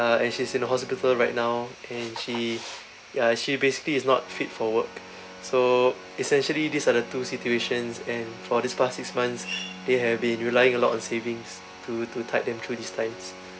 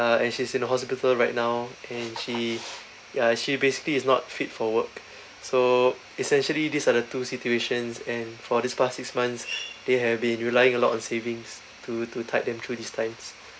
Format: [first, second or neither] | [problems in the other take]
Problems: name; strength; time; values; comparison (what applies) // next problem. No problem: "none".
second | background sound (Organ); 18 dB below the speech